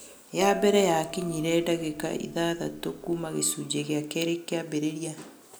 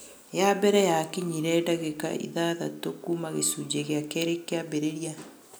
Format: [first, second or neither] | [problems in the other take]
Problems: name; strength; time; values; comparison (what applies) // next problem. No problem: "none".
second | background sound (Bell); 13 dB below the speech